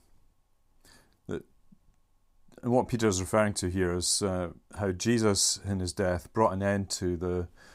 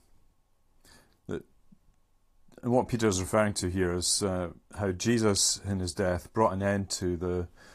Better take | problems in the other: first | garbled, watery; slightly

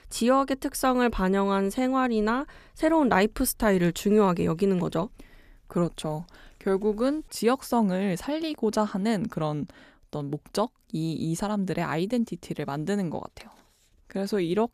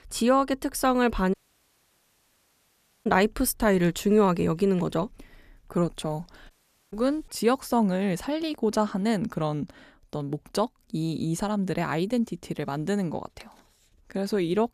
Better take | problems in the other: first | audio cutting out; at 1.5 s for 1.5 s and at 6.5 s

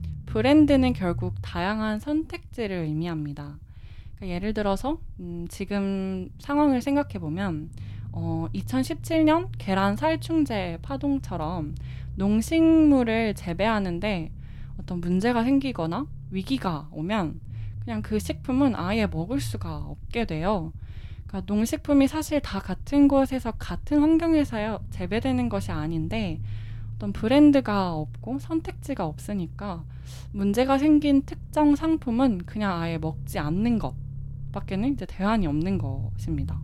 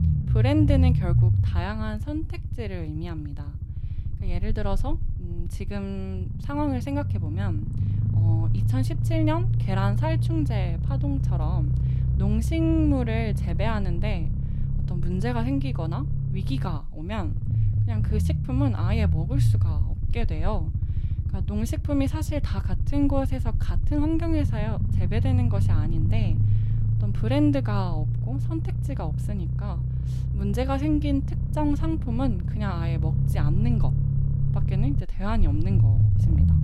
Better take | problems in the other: first | low rumble; loud; throughout; 6 dB below the speech; faint in the first

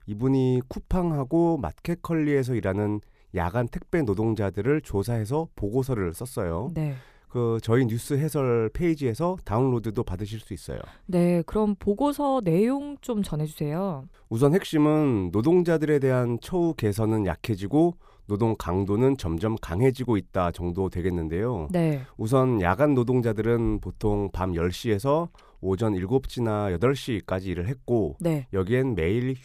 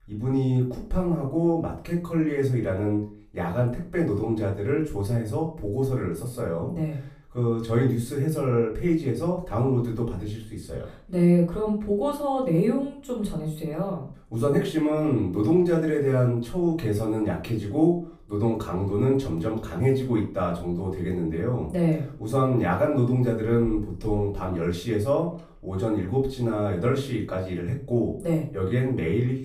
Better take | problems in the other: first | room echo; slight; dies away in 0.3 s // off-mic speech; far

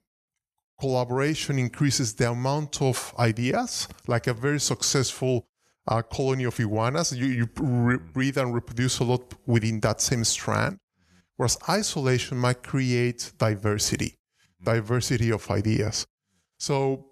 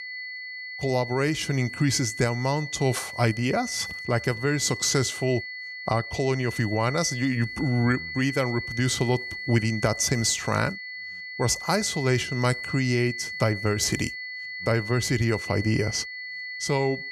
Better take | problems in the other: first | high-pitched whine; loud; throughout; 2 kHz, 8 dB below the speech

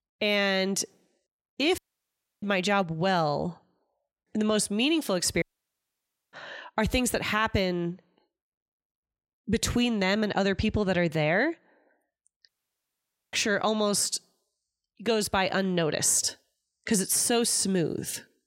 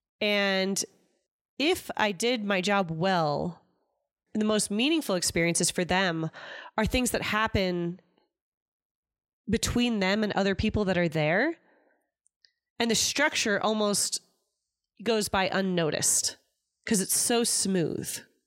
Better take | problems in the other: second | audio cutting out; at 2 s for 0.5 s, at 5.5 s for 1 s and at 12 s for 1 s

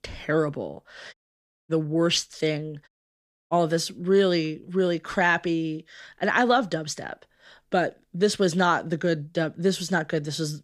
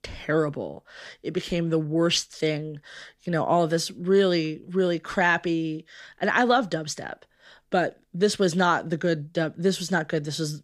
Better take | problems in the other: second | audio cutting out; at 1 s for 0.5 s and at 3 s for 0.5 s

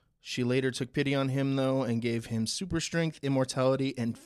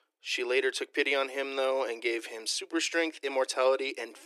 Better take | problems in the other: first | thin; very; fading below 300 Hz

